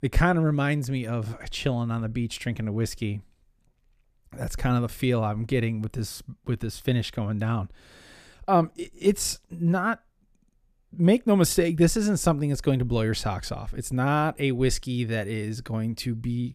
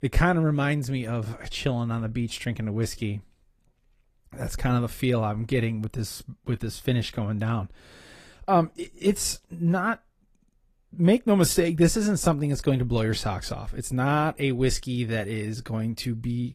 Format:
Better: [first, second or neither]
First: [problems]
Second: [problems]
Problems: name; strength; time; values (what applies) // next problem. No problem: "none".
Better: first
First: none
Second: garbled, watery; slightly; nothing above 14.5 kHz